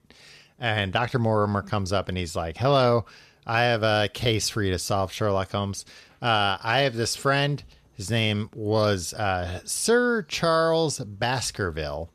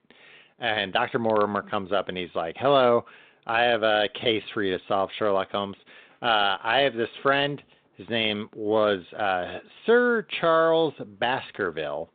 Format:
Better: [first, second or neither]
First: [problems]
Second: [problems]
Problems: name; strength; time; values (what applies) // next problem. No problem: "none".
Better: first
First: none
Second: phone-call audio